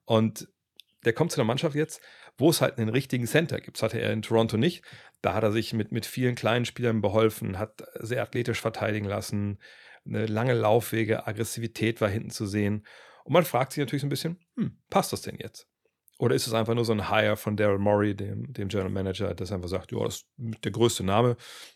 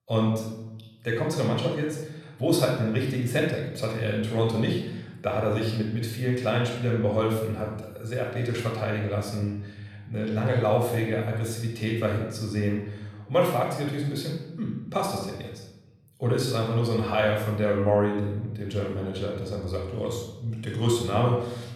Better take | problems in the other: first | off-mic speech; somewhat distant // room echo; noticeable; dies away in 0.8 s

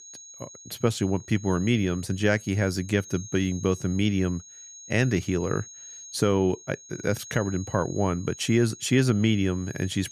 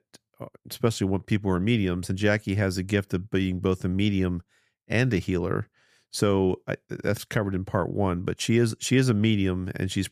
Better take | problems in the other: second | high-pitched whine; noticeable; throughout; 6.5 kHz, 15 dB below the speech

